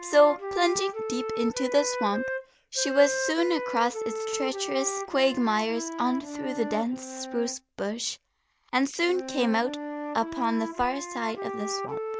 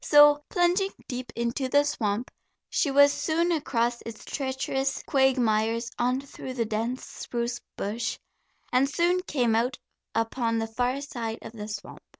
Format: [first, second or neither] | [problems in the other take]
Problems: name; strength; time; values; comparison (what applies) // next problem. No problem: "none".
second | background sound (Wind instrument, woodwind instrument); 7 dB below the speech